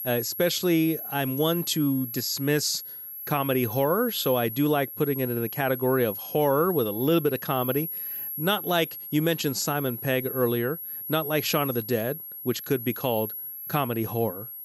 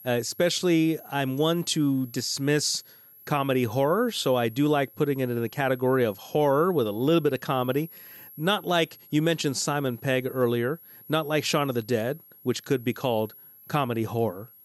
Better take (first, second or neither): second